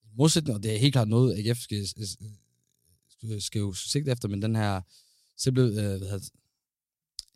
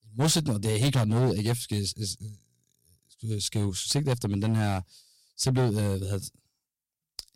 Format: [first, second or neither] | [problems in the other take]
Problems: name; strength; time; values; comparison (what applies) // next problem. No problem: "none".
first | distortion; heavy; 7% of the sound clipped